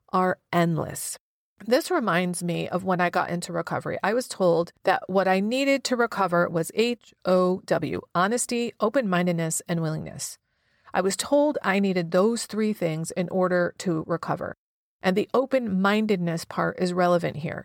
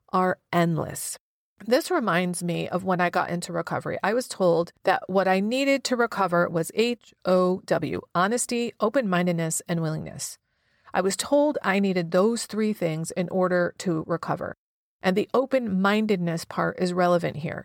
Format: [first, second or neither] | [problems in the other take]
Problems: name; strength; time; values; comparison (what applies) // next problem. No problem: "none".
neither | none